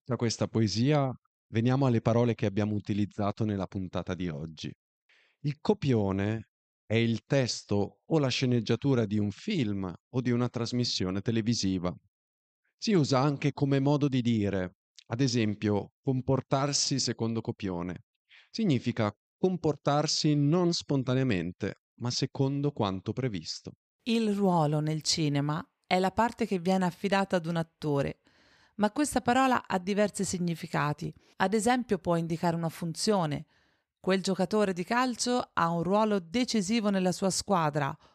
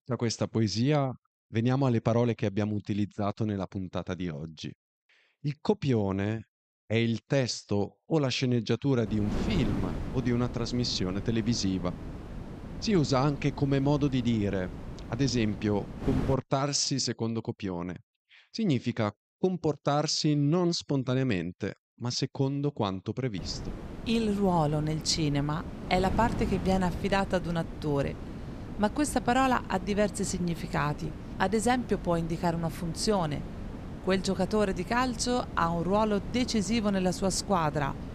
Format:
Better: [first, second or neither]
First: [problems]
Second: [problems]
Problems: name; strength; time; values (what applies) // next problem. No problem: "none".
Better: first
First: none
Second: wind noise on the microphone; occasional gusts; from 9 to 16 s and from 23 s on; 15 dB below the speech